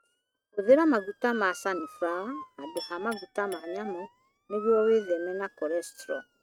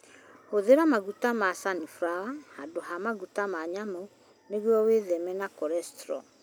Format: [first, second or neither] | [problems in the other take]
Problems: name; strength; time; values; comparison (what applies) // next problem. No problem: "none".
second | noise reduction (neural mask model RNNoise)